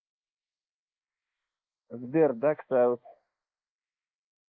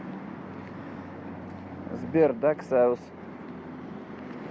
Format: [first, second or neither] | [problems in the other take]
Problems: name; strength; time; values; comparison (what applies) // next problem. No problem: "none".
second | noise reduction (neural mask model Resemble Enhance denoiser)